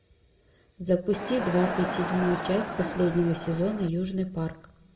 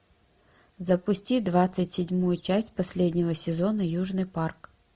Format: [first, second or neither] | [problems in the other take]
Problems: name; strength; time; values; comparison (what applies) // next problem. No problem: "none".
second | background sound (Crowd); 5 dB below the speech // room echo; dies away in 0.7 s